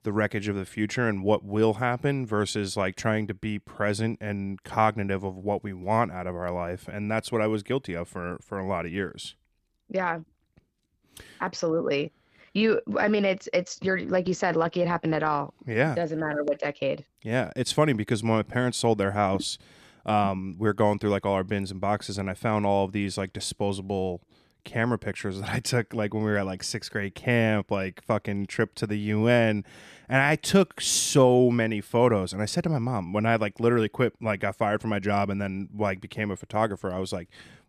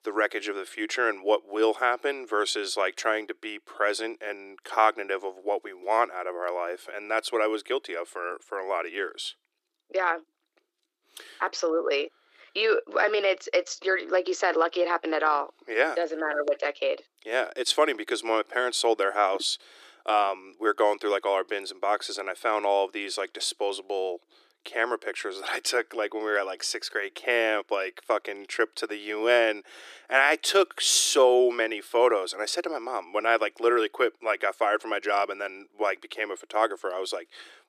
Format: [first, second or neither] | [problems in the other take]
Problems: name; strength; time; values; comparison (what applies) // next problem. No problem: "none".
first | thin; very; fading below 350 Hz